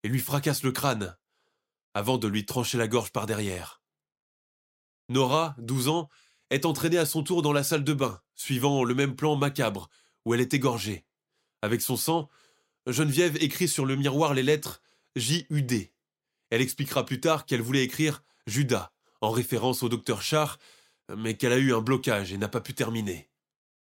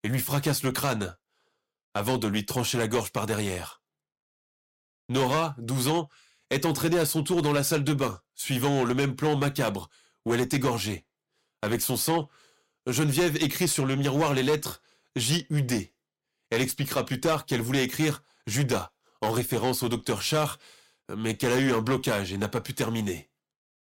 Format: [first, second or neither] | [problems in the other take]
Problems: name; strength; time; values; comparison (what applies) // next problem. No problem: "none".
first | distortion; slight; 8% of the sound clipped